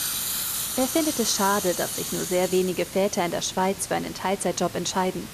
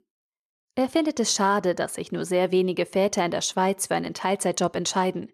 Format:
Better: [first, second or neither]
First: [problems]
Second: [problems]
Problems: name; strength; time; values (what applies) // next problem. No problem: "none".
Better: second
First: hiss; loud; throughout; 5 dB below the speech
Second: none